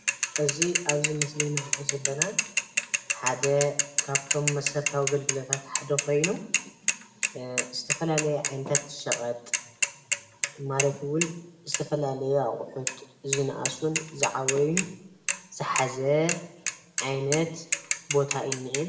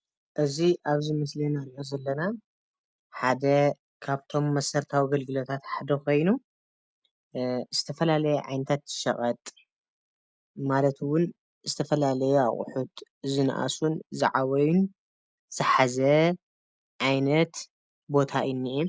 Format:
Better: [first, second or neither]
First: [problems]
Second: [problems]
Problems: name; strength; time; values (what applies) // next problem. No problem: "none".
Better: second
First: background sound (Mechanisms / Bicycle); 1 dB below the speech // room echo; dies away in 0.7 s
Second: none